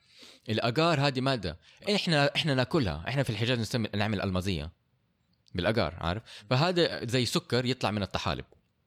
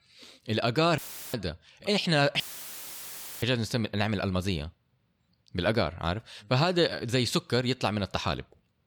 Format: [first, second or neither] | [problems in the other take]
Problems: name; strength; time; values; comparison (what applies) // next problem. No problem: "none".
first | audio cutting out; filled with static; at 1 s and at 2.5 s for 1 s